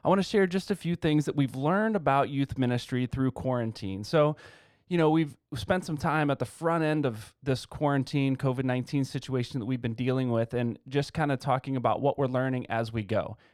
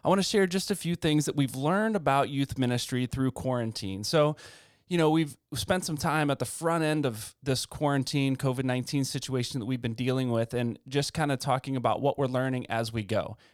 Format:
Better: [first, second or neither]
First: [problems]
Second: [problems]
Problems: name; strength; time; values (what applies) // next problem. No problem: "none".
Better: second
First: muffled; slightly; fading above 4 kHz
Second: none